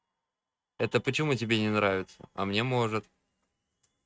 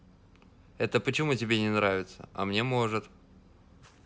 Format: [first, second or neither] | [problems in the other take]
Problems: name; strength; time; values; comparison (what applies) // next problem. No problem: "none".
second | noise reduction (neural mask model RNNoise)